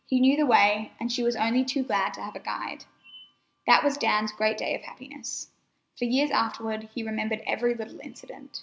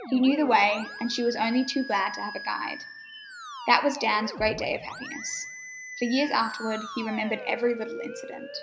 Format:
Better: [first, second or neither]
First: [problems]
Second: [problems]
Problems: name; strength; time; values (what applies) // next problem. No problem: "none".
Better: first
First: none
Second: background sound (Musical instrument); 12 dB below the speech